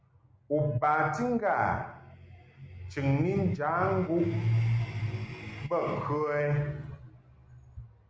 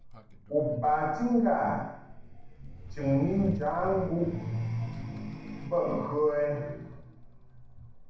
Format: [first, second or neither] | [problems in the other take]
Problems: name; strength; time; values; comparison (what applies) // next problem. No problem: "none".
first | background sound (Sliding door); 16 dB below the speech // room echo; dies away in 0.6 s